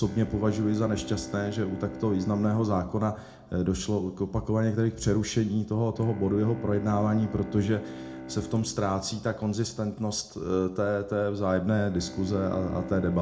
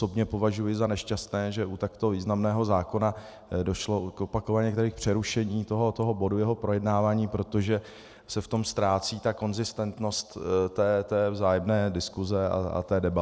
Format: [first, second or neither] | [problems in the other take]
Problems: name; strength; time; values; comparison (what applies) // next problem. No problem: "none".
second | background sound (Bowed string instrument); 14 dB below the speech // room echo; dies away in 0.3 s